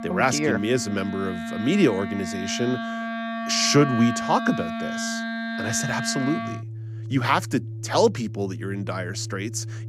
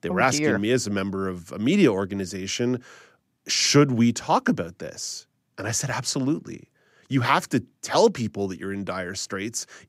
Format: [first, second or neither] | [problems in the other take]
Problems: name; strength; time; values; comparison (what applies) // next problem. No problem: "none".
second | background music; loud; throughout; 6 dB below the speech